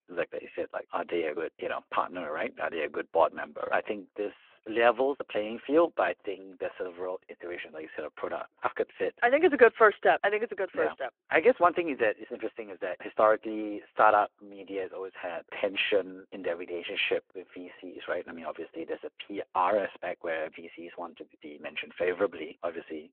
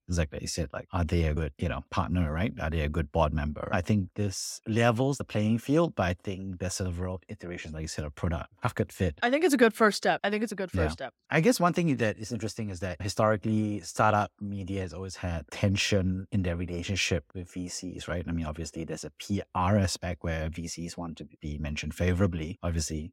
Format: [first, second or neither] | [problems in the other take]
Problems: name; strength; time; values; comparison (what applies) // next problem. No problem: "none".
second | phone-call audio